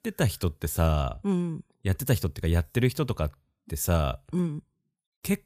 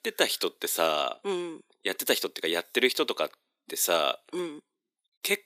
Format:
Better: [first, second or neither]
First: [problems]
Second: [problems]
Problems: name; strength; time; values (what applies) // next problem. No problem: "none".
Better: first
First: none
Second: thin; very; fading below 300 Hz